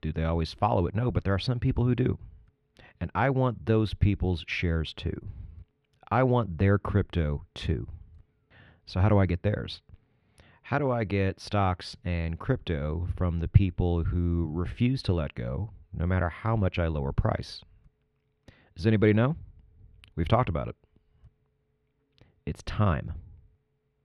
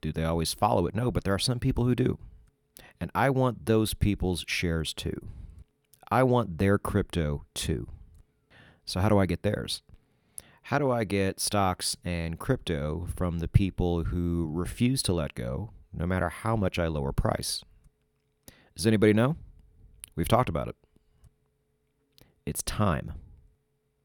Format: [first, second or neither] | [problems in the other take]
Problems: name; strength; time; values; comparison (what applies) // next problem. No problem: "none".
second | muffled; very slightly; fading above 3 kHz